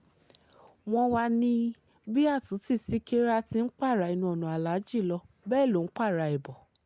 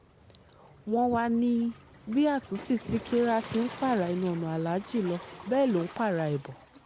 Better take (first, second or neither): first